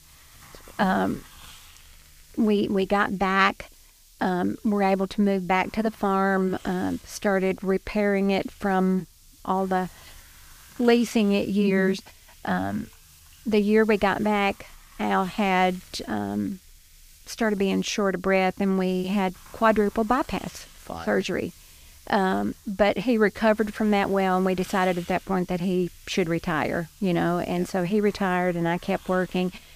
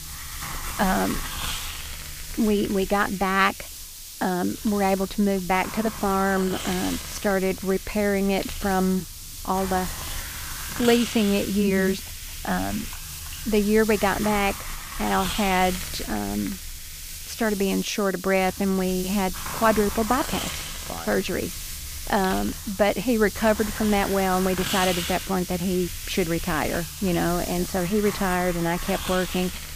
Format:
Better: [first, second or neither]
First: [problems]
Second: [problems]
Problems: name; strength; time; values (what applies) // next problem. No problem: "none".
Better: first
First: hiss; faint; throughout; 25 dB below the speech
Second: hiss; loud; throughout; 8 dB below the speech